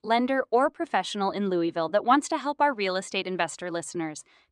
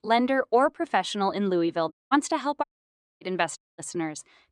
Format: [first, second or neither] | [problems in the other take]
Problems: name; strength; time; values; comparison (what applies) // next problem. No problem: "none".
first | audio cutting out; at 2 s, at 2.5 s for 0.5 s and at 3.5 s